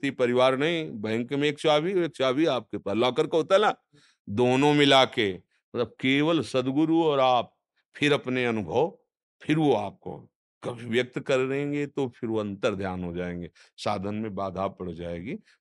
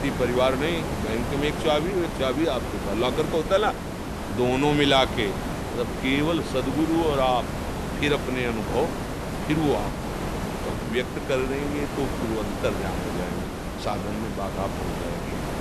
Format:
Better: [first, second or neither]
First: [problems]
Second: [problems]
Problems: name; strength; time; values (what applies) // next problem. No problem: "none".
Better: first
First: none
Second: hiss; loud; throughout; 4 dB below the speech